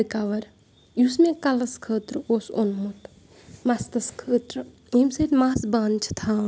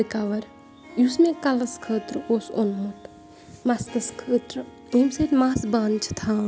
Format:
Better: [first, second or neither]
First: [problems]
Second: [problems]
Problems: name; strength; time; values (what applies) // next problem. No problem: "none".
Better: first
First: none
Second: background sound (Harp); 20 dB below the speech